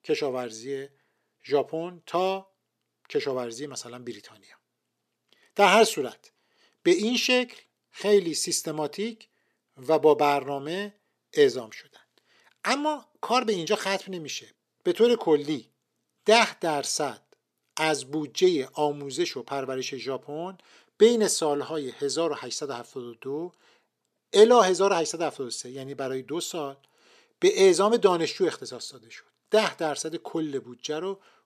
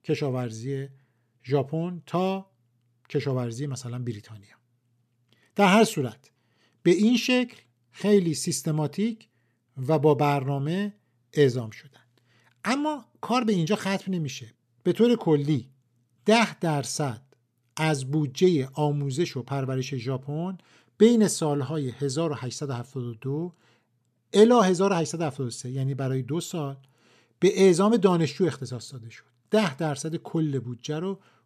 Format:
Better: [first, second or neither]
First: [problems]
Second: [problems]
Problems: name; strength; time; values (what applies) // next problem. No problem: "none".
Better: second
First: thin; somewhat; fading below 400 Hz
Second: none